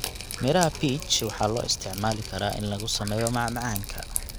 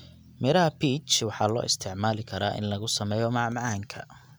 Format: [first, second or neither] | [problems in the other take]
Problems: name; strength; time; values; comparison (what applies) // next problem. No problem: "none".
second | background sound (Drip); 8 dB below the speech